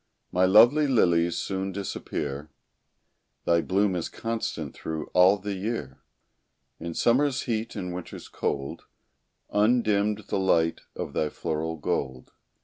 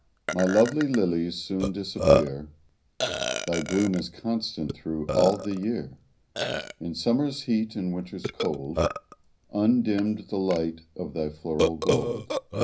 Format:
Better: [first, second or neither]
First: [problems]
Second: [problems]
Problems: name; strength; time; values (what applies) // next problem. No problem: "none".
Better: first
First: none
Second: background sound (Burping, eructation); 3 dB below the speech // room echo; dies away in 0.5 s